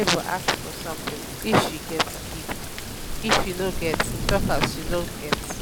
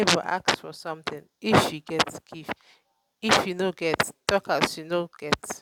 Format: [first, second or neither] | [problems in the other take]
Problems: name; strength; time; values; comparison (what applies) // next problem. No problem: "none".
second | background sound (Thunder / Rain); 4 dB below the speech